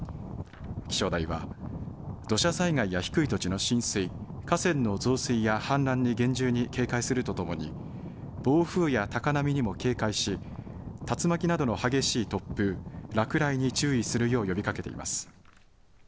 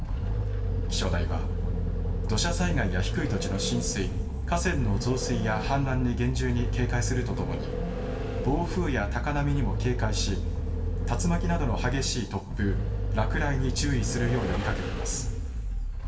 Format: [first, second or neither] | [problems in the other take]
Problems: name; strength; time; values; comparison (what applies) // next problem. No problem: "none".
first | background sound (Vehicle); 1 dB above the speech // room echo; dies away in 0.8 s